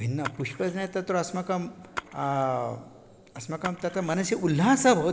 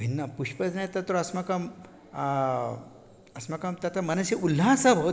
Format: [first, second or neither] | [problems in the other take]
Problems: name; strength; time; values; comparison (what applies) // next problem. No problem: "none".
second | background sound (Splash, splatter); 17 dB below the speech